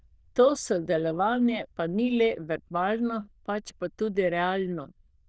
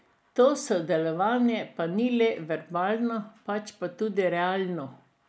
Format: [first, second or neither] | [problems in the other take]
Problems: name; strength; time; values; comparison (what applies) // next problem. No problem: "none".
second | noise reduction (neural diffusion model UNIVERSE++)